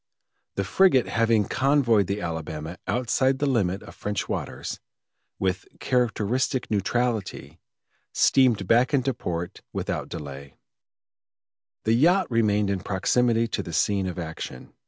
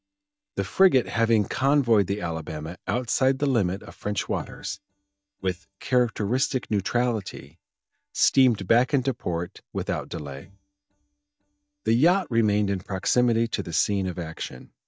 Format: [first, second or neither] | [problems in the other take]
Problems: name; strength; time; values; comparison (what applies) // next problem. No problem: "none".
first | noise reduction (neural mask model DeepFilterNet 3)